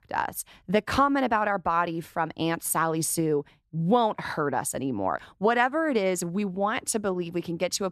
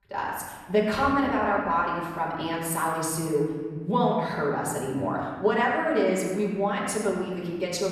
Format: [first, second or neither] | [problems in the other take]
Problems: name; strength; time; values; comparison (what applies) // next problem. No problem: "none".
first | off-mic speech; far // room echo; noticeable; dies away in 1.5 s